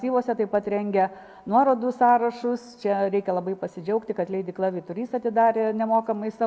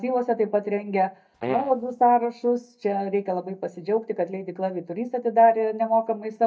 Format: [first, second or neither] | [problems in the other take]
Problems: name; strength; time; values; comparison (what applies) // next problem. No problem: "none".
first | noise reduction (neural mask model DeepFilterNet 3)